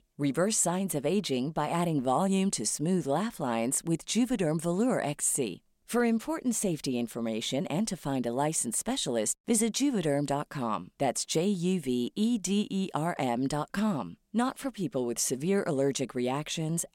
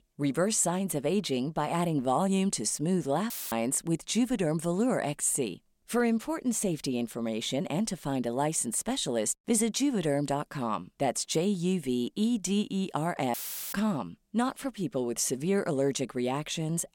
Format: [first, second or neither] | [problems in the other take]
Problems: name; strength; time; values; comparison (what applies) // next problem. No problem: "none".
first | audio cutting out; filled with static; at 3.5 s and at 13 s